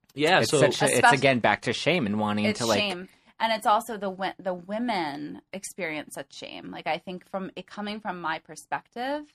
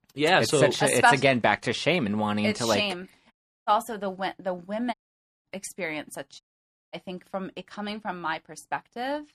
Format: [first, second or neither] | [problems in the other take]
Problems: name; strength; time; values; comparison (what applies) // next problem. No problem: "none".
first | audio cutting out; at 3.5 s, at 5 s for 0.5 s and at 6.5 s for 0.5 s